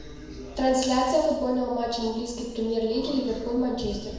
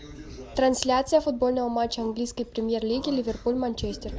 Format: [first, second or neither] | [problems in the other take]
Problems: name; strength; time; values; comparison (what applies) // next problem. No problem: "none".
second | room echo; dies away in 0.9 s